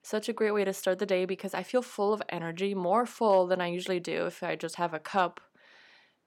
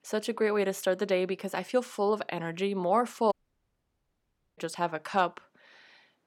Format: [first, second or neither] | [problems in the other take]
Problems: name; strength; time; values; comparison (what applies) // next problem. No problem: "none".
first | audio cutting out; at 3.5 s for 1.5 s